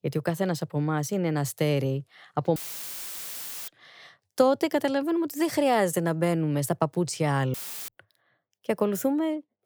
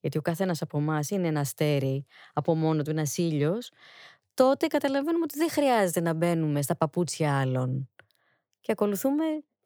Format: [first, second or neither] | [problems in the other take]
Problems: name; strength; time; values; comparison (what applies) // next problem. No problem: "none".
second | audio cutting out; filled with static; at 2.5 s for 1 s and at 7.5 s